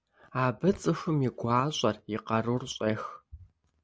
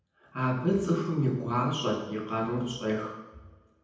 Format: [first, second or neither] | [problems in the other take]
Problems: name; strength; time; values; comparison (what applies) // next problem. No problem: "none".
first | room echo; dies away in 0.9 s